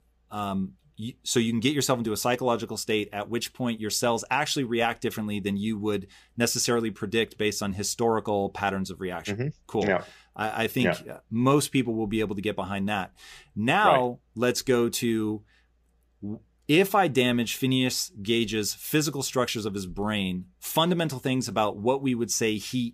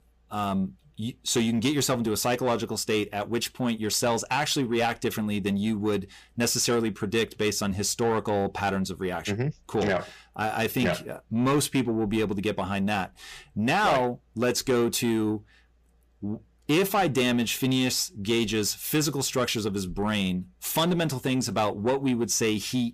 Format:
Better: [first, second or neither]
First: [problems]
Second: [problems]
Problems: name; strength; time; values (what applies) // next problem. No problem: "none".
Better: first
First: none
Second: distortion; slight; 10 dB below the speech